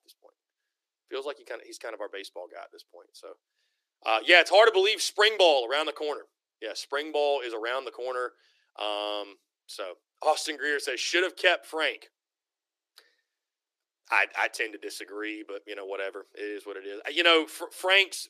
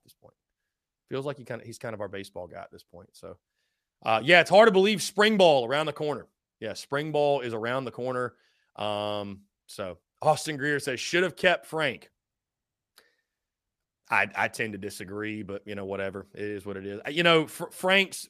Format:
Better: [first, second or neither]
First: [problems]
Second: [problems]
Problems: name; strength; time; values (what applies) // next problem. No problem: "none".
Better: second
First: thin; very; fading below 300 Hz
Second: none